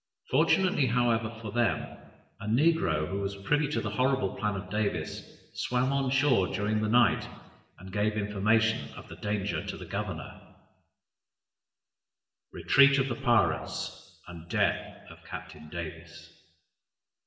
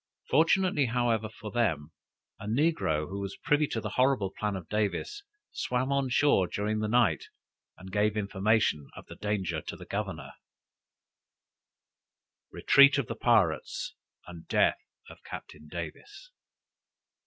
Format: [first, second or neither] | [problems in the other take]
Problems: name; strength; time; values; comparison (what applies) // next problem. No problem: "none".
second | room echo; dies away in 1.1 s